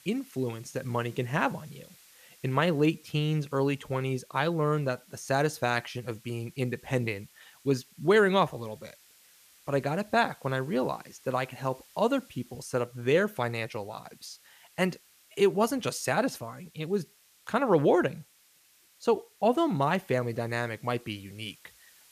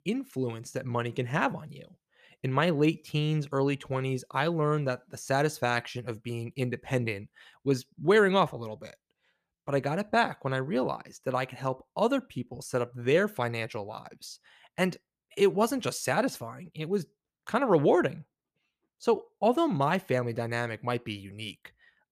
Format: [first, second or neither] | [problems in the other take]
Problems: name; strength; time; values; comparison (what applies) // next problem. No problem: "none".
second | hiss; faint; throughout; 25 dB below the speech